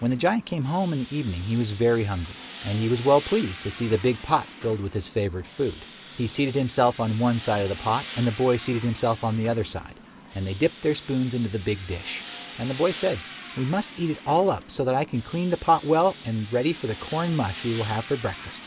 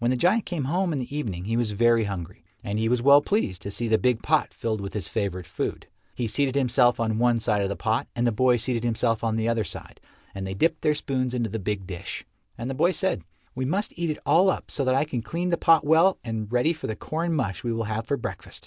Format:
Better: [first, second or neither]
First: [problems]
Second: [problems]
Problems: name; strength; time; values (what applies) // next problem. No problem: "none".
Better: second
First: background sound (Tools); 16 dB below the speech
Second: none